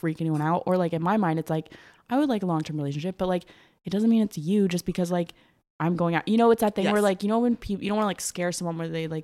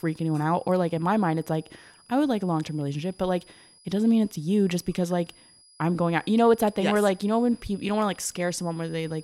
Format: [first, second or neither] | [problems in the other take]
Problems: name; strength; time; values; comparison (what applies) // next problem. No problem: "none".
first | high-pitched whine; faint; throughout; 5 kHz, 25 dB below the speech